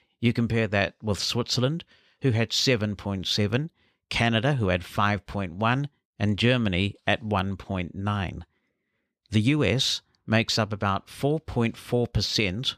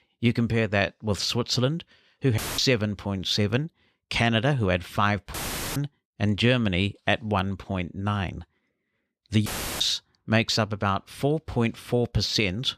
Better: first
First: none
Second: audio cutting out; filled with static; at 2.5 s, at 5.5 s and at 9.5 s

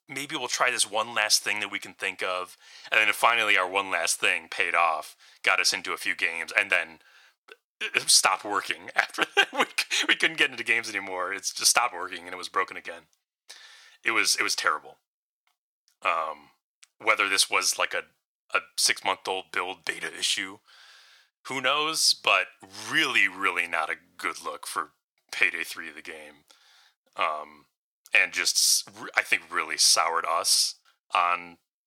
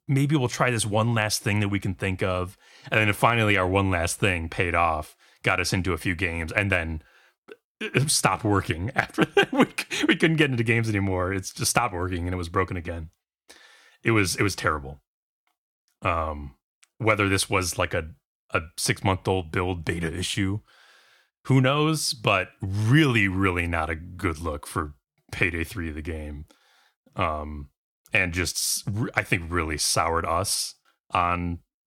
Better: second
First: thin; very; fading below 700 Hz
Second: none

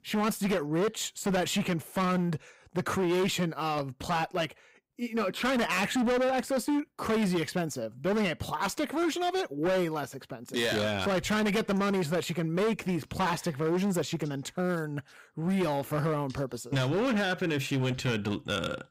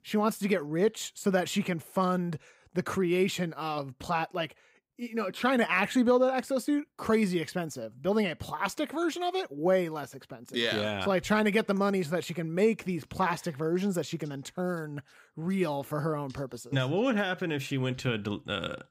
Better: second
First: distortion; heavy; 17% of the sound clipped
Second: none

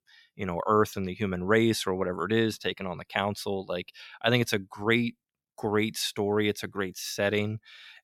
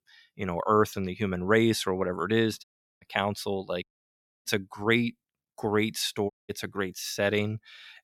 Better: first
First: none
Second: audio cutting out; at 2.5 s, at 4 s for 0.5 s and at 6.5 s

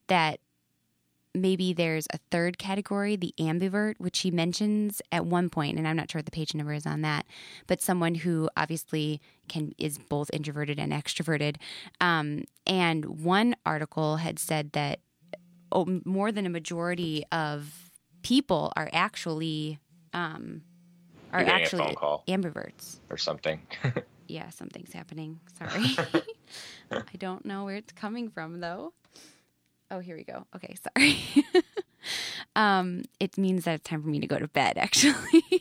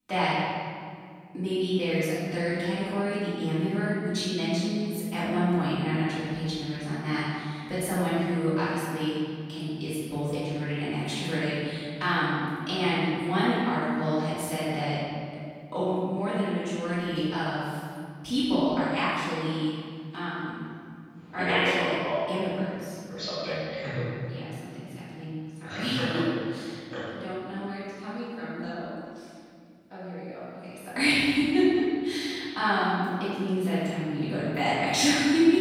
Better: first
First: none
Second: off-mic speech; far // room echo; strong; dies away in 2 s

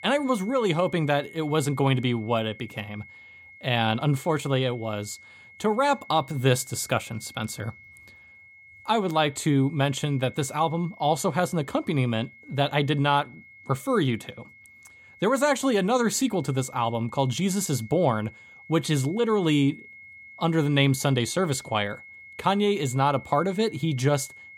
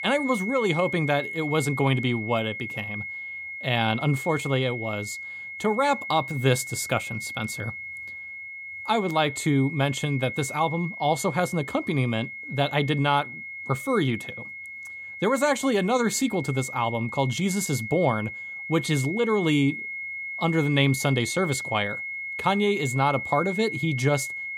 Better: first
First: high-pitched whine; faint; throughout; 2 kHz, 20 dB below the speech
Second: high-pitched whine; loud; throughout; 2 kHz, 8 dB below the speech

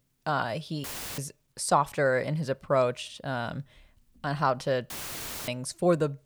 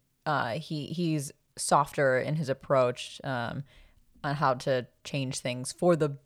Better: second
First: audio cutting out; filled with static; at 1 s and at 5 s for 0.5 s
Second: none

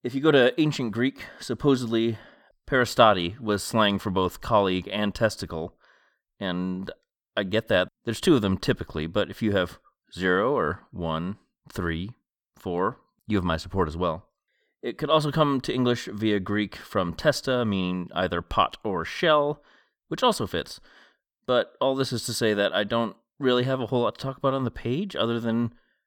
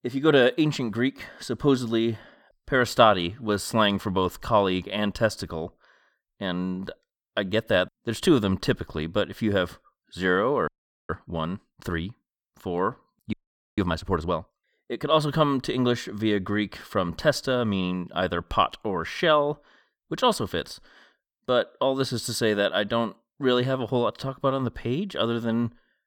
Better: first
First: none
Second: audio freezing; at 11 s and at 13 s

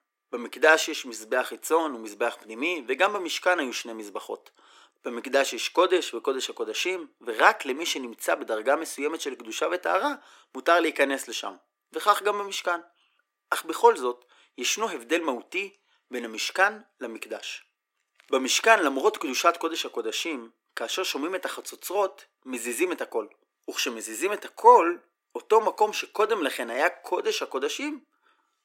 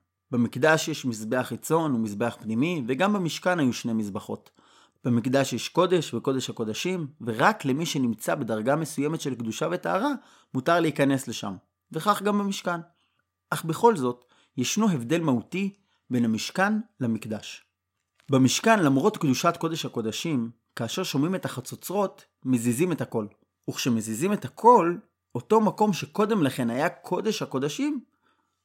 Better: second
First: thin; very; fading below 350 Hz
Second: none

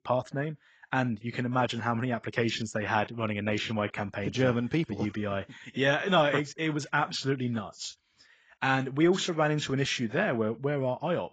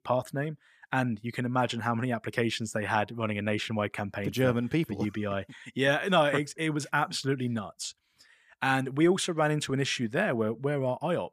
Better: second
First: garbled, watery; badly; nothing above 7.5 kHz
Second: none

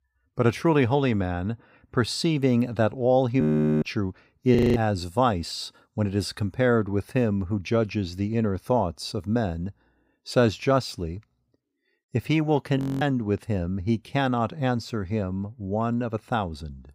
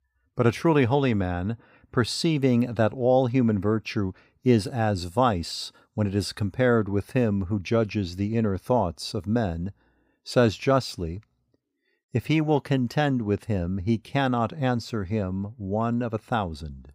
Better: second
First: audio freezing; at 3.5 s, at 4.5 s and at 13 s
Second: none

